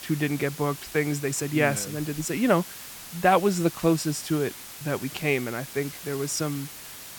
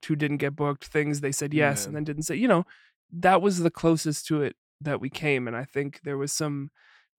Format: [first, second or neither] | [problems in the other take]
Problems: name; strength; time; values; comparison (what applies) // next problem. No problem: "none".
second | hiss; noticeable; throughout; 10 dB below the speech